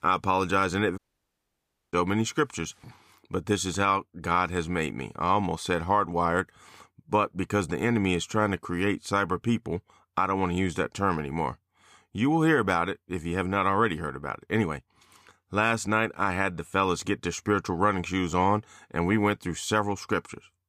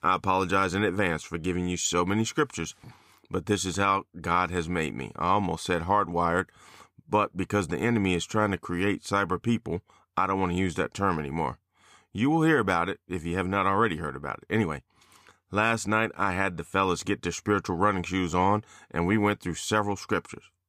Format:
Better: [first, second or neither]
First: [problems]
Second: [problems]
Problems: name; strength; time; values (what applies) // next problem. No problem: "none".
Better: second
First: audio cutting out; at 1 s for 1 s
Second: none